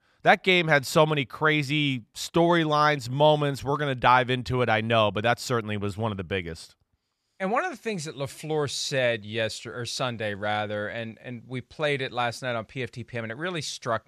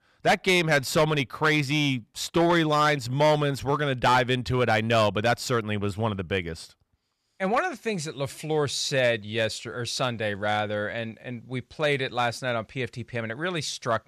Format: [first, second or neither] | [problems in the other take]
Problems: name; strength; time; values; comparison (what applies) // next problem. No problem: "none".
first | distortion; slight; 4% of the sound clipped